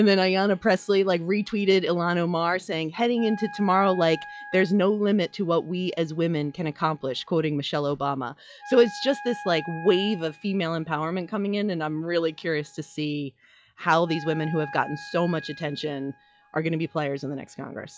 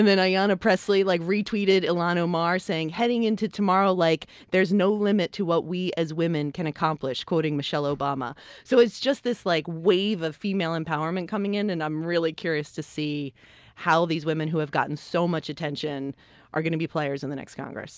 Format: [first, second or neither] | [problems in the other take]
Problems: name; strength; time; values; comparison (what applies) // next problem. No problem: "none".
second | noise reduction (classical method log-MMSE)